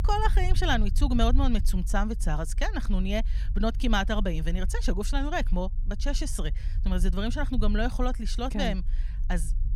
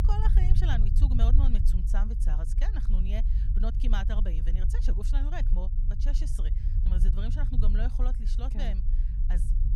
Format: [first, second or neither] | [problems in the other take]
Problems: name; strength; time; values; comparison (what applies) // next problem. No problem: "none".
first | low rumble; loud; throughout; 5 dB below the speech; faint in the first